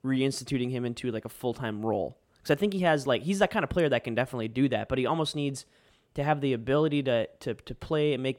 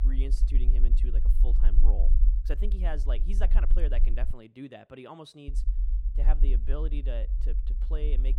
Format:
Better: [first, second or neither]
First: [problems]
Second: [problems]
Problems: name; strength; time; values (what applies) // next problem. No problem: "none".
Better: first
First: none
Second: low rumble; loud; until 4.5 s and from 5.5 s on; 9 dB below the speech